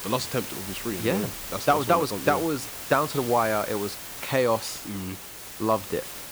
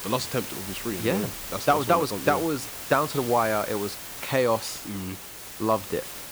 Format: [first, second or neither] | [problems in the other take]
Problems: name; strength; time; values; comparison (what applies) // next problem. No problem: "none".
neither | hiss; loud; throughout; 8 dB below the speech; the same in both